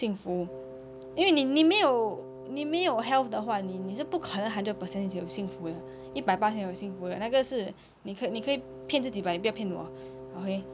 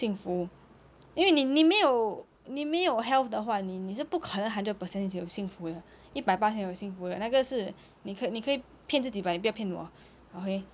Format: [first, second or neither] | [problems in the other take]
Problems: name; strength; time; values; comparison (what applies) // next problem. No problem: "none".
second | background sound (Wind instrument, woodwind instrument); 14 dB below the speech